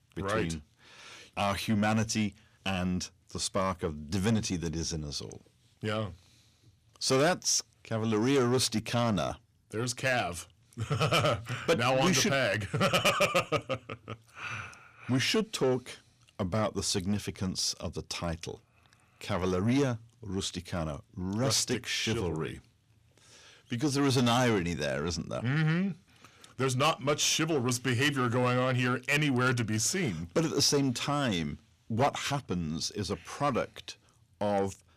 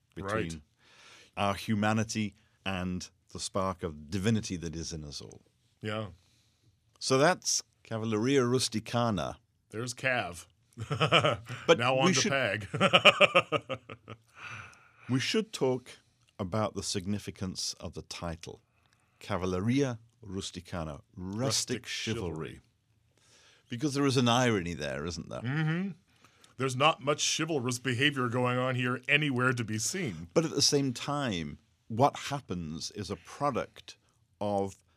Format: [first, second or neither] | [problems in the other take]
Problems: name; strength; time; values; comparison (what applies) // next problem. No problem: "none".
second | distortion; heavy; 7 dB below the speech